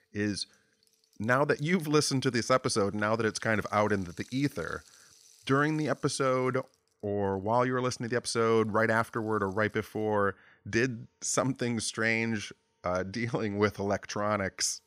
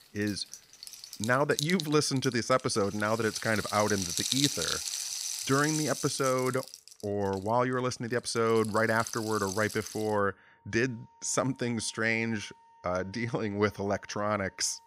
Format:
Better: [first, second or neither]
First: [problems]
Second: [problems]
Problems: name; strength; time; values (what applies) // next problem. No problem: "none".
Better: first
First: background music; faint; throughout; 30 dB below the speech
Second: background music; loud; throughout; 5 dB below the speech